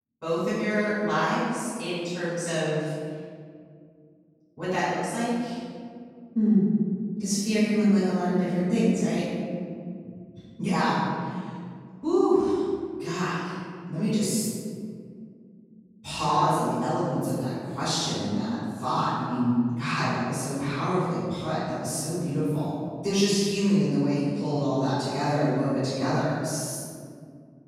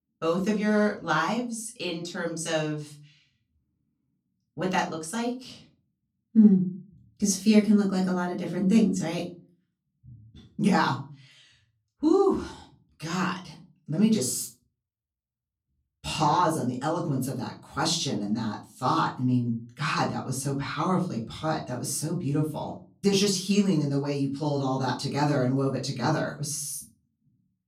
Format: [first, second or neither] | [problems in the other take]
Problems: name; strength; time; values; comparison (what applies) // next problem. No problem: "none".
second | room echo; strong; dies away in 2.2 s; slight in the second // off-mic speech; far; far in the second